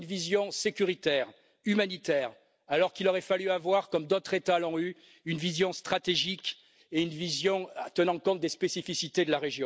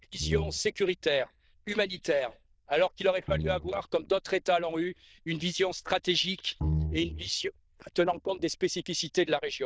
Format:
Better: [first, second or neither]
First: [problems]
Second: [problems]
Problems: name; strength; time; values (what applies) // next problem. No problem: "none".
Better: first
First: none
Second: noise reduction (neural diffusion model UNIVERSE++)